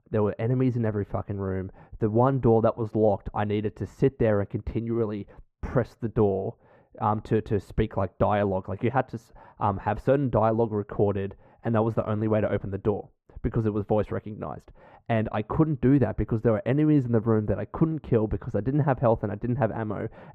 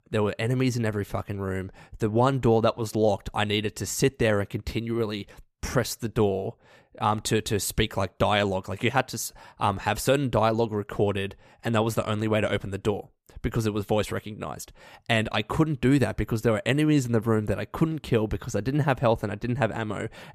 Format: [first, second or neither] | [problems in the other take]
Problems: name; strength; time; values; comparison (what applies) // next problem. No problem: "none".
second | muffled; very; fading above 3 kHz